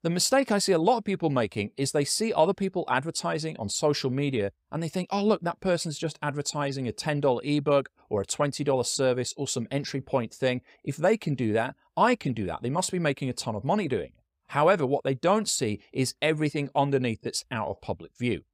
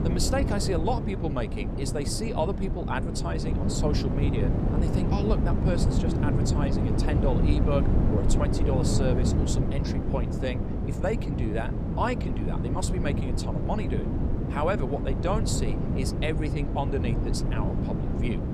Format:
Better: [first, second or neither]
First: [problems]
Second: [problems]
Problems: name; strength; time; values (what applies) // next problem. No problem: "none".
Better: first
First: none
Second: wind noise on the microphone; heavy; 3 dB below the speech